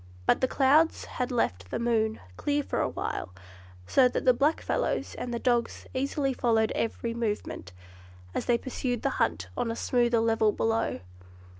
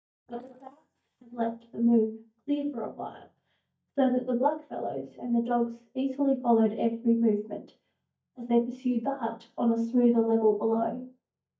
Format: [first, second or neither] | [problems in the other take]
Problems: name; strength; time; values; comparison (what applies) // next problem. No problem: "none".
first | noise reduction (neural mask model DeepFilterNet 3)